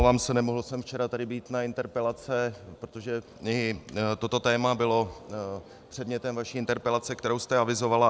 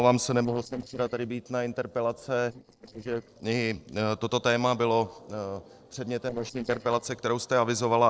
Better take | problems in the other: first | noise reduction (neural separator model SepFormer DNS4)

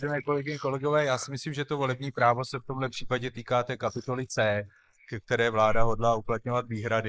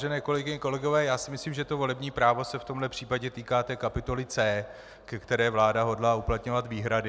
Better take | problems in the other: second | noise reduction (neural mask model Resemble Enhance denoiser)

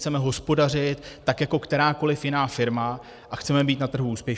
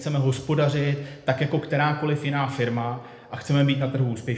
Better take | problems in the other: first | room echo; dies away in 0.9 s

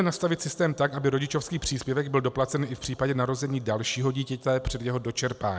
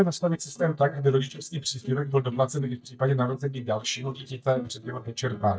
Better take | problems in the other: first | noise reduction (neural mask model DeepFilterNet 3)

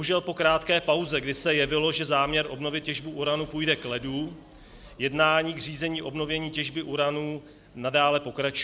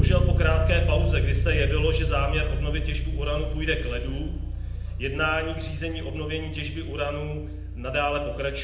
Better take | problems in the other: first | background sound (Bass guitar); 3 dB above the speech // room echo; dies away in 0.7 s

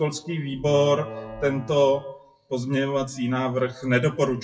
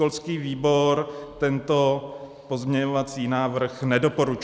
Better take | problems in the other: second | noise reduction (classical method WPE with log-MMSE)

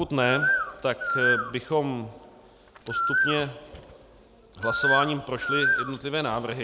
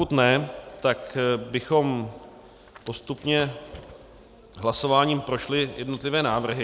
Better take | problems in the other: second | background sound (Bird); as loud as the speech

